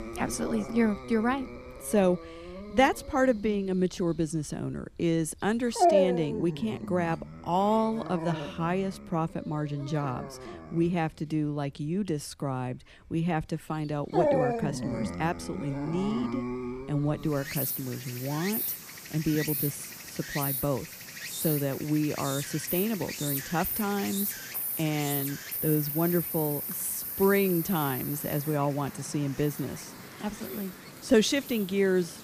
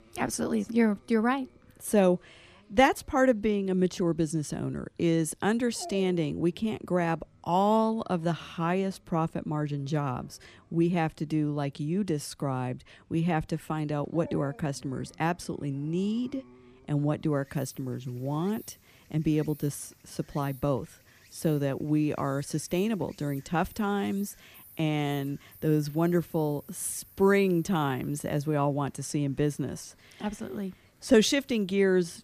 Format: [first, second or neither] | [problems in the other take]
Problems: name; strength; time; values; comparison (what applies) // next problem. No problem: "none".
second | animal sounds; loud; throughout; 4 dB below the speech; faint in the second